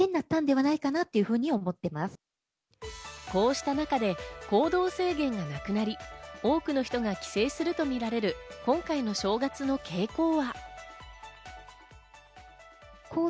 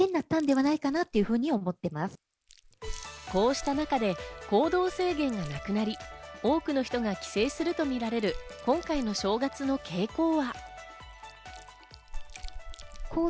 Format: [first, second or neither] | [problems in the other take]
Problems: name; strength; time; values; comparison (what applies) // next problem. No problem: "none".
first | background sound (Chewing, mastication); 15 dB below the speech